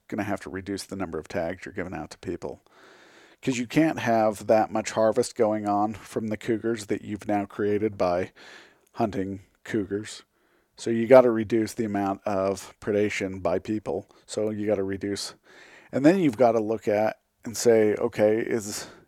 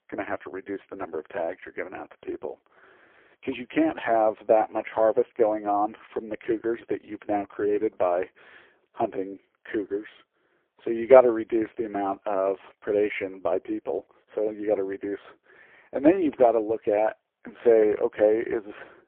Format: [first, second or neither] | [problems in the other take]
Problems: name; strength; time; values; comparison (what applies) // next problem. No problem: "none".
first | phone-call audio; poor line